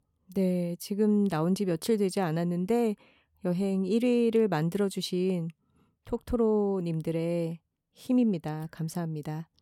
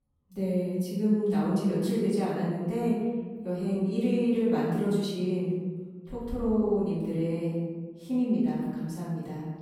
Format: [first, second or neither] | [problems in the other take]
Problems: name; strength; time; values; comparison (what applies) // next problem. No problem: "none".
first | off-mic speech; far // room echo; strong; dies away in 1.4 s